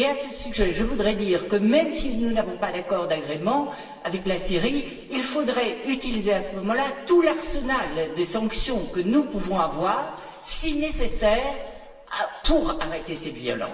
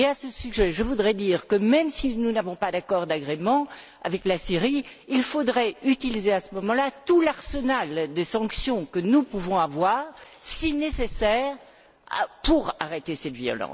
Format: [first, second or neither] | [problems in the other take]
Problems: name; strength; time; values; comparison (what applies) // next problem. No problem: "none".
second | room echo; dies away in 1.4 s